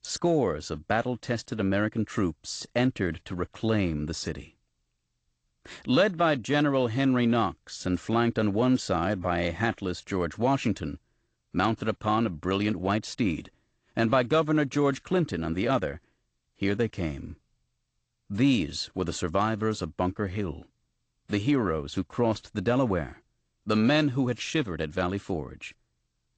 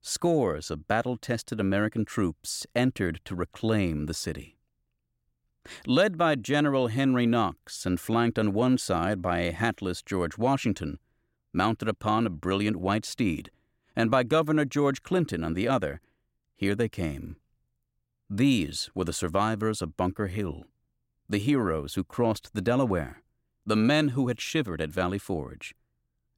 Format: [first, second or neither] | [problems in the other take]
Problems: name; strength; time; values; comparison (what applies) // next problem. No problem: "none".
second | garbled, watery; slightly; nothing above 8 kHz